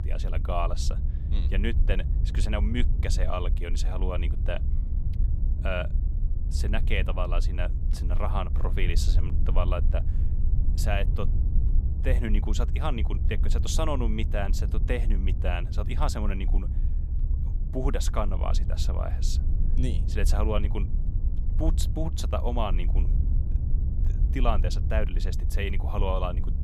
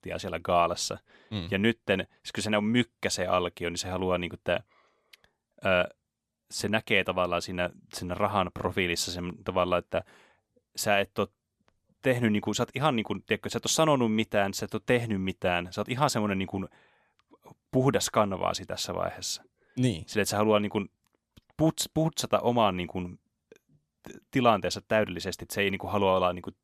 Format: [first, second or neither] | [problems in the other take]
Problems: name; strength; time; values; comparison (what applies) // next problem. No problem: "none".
second | low rumble; noticeable; throughout; 10 dB below the speech